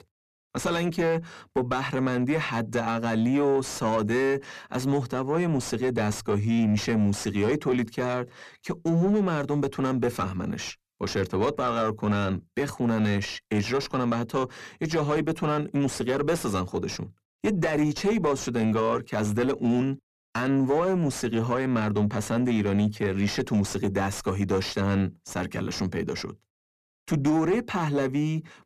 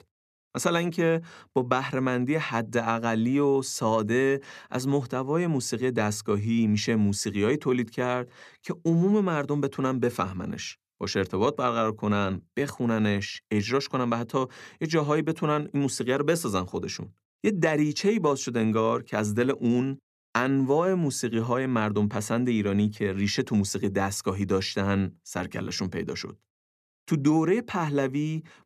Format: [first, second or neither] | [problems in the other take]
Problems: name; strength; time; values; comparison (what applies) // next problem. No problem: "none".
second | distortion; slight; 9 dB below the speech